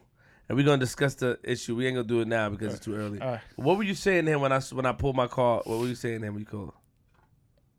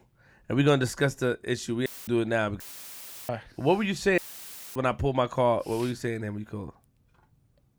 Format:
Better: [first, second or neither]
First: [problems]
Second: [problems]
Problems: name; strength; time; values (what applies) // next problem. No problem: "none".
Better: first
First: none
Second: audio cutting out; filled with static; at 2 s, at 2.5 s for 0.5 s and at 4 s for 0.5 s